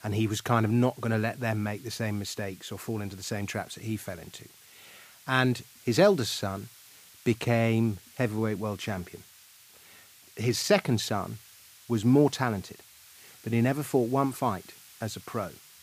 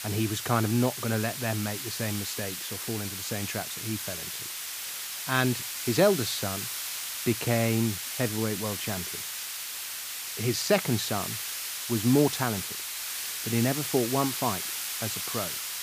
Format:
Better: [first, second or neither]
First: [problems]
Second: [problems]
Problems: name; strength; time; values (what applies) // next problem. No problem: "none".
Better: first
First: hiss; faint; throughout; 25 dB below the speech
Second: hiss; loud; throughout; 3 dB below the speech